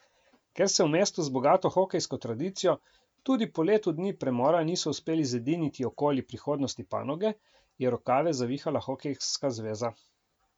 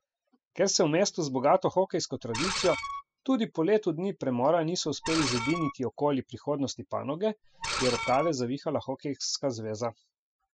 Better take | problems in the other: first | noise reduction (classical method spectral subtraction)

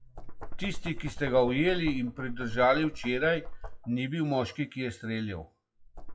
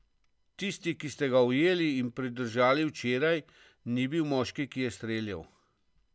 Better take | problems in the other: second | noise reduction (classical method WPE with log-MMSE)

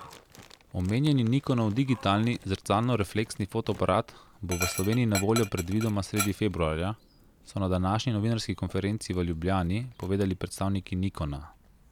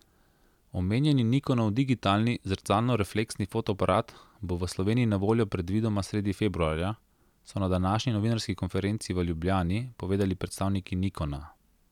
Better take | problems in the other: second | background sound (Dog); 15 dB below the speech

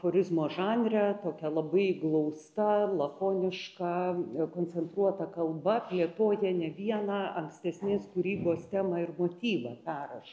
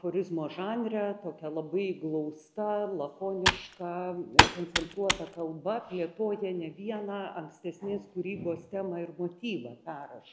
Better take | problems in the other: first | background sound (Computer keyboard); 5 dB above the speech

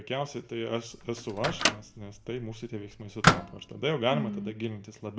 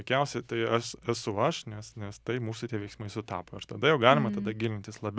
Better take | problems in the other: second | background sound (Microwave oven); 2 dB above the speech // room echo; dies away in 0.4 s

